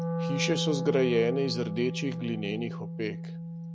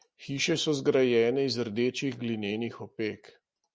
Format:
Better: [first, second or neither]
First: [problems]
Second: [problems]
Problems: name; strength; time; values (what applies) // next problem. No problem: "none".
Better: second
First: background sound (Wind instrument, woodwind instrument); 3 dB below the speech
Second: none